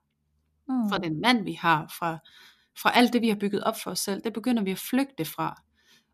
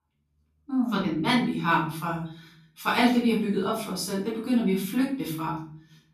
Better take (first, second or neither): first